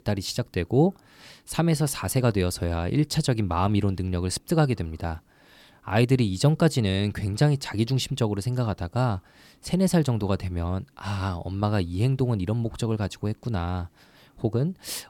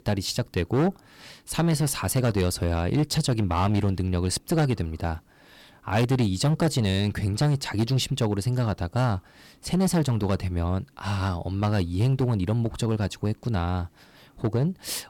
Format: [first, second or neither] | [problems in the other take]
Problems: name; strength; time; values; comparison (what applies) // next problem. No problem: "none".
first | distortion; slight; 7% of the sound clipped